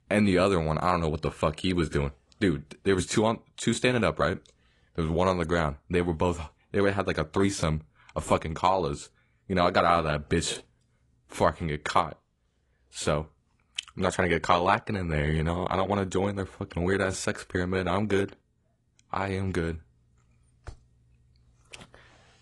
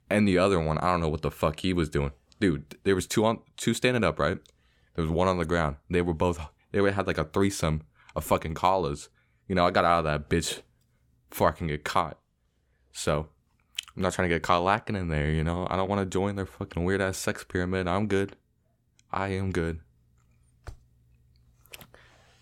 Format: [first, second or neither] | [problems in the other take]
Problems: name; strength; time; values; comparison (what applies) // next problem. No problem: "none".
second | garbled, watery; slightly; nothing above 10 kHz